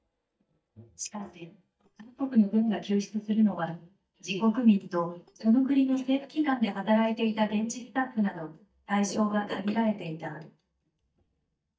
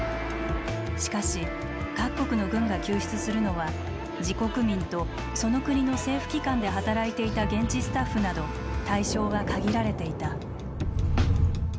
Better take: second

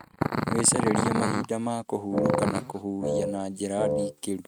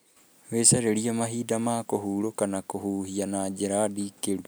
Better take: second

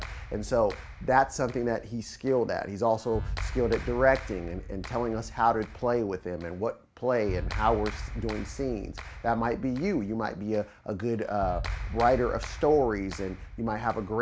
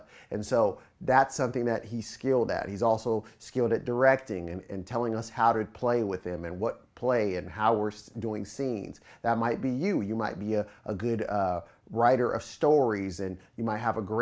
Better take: second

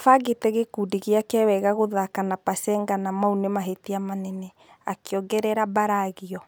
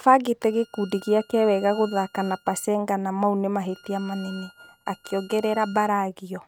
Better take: first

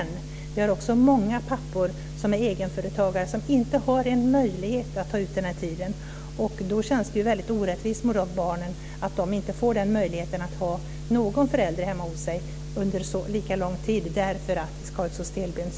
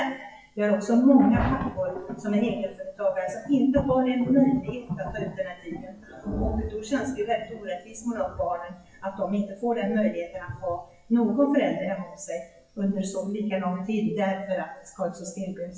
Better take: first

